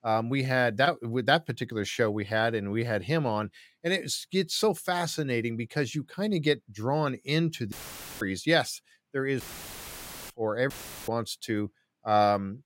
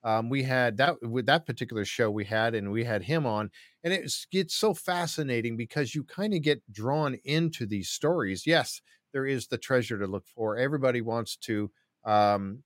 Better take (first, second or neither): second